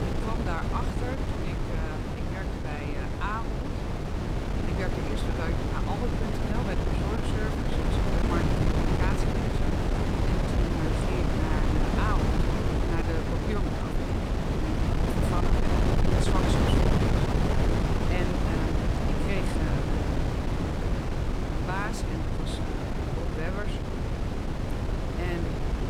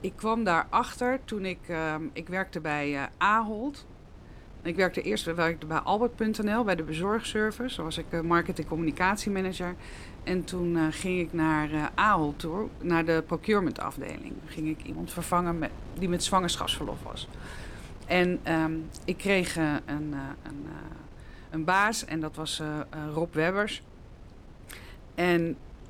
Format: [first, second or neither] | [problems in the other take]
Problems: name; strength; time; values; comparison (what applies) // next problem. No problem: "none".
second | wind noise on the microphone; heavy; 4 dB above the speech; occasional gusts in the second